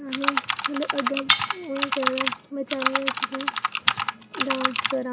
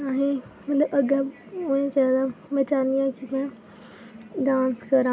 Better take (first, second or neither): second